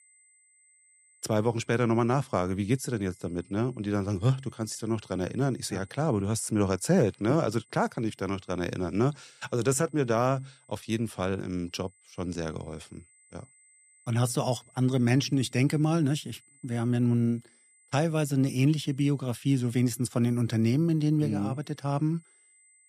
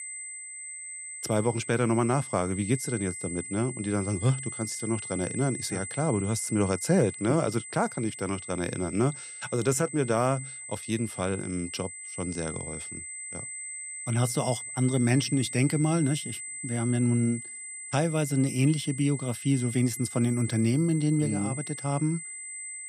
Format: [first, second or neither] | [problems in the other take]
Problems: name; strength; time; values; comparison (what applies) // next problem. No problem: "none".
first | high-pitched whine; loud; throughout; 8 kHz, 9 dB below the speech; faint in the first